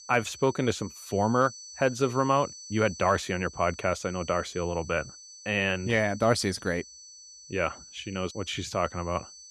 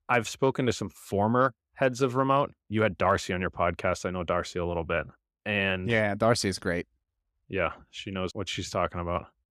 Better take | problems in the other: second | high-pitched whine; noticeable; throughout; 6 kHz, 15 dB below the speech

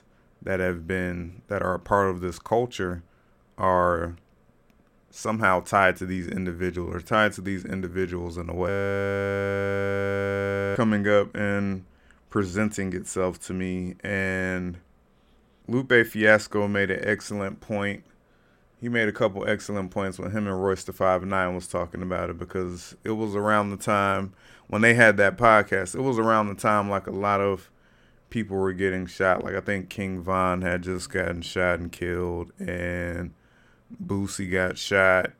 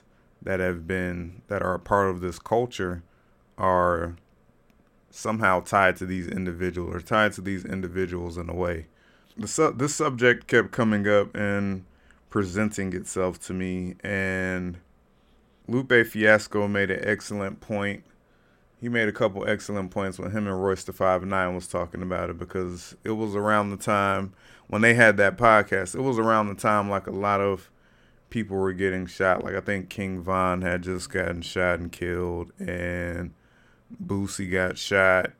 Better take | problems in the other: second | audio freezing; at 8.5 s for 2 s

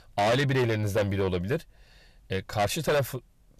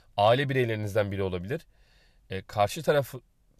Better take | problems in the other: second | distortion; heavy; 6 dB below the speech

